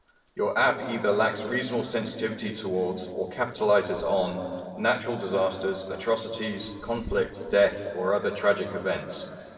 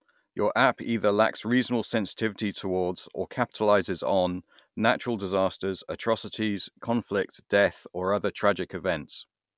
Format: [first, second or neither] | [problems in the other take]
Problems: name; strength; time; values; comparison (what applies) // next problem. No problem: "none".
second | noise reduction (neural separator model SepFormer DNS4)